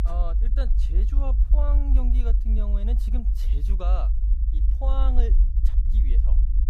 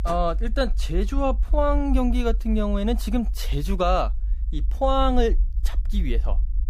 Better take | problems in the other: second | low rumble; loud; throughout; 7 dB below the speech; faint in the second

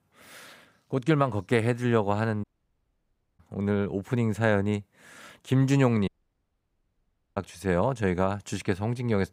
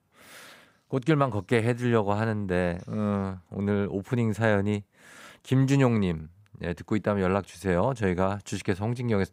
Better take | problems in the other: second | audio cutting out; at 2.5 s for 1 s and at 6 s for 1.5 s

